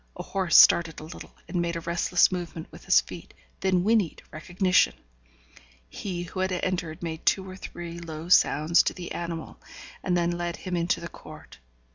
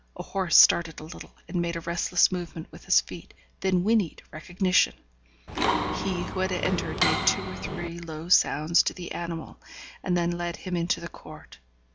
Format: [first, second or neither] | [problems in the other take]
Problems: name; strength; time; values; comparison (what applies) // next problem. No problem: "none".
first | background sound (Mechanisms); 1 dB below the speech